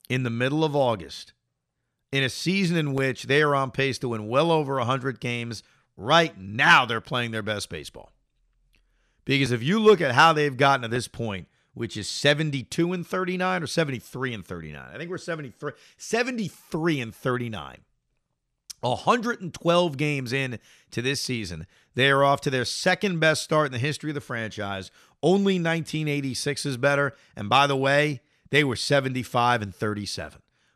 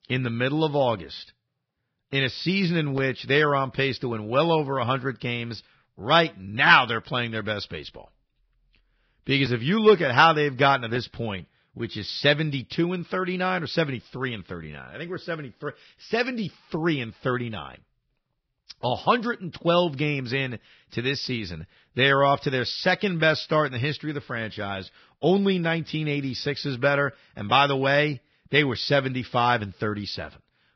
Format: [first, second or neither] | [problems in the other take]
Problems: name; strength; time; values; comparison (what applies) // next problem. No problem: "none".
first | garbled, watery; badly; nothing above 5.5 kHz